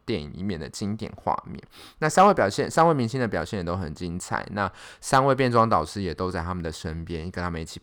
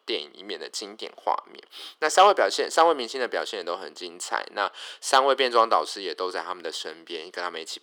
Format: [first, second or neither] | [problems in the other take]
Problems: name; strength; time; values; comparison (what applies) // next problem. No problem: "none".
first | thin; very; fading below 350 Hz